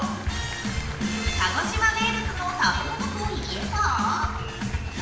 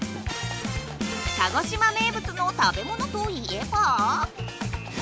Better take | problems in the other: second | background sound (Applause / Crowd); 15 dB below the speech // room echo; dies away in 0.8 s

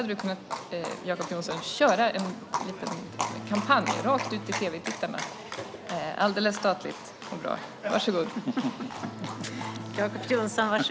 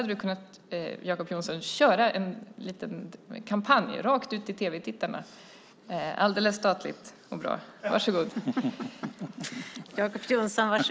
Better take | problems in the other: second | background sound (Bowed string instrument + Livestock, farm animals, working animals); 8 dB below the speech

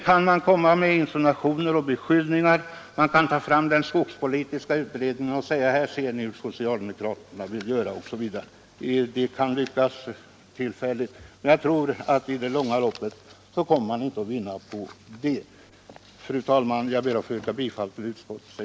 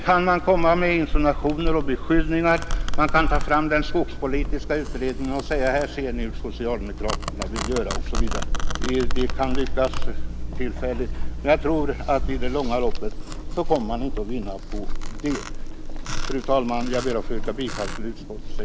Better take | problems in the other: first | background sound (Domestic sounds, home sounds); 1 dB above the speech

